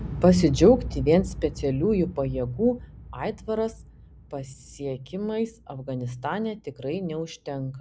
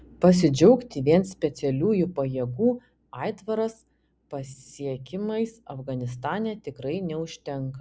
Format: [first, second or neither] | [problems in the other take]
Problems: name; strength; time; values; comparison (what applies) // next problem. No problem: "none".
second | background sound (Explosion); 12 dB below the speech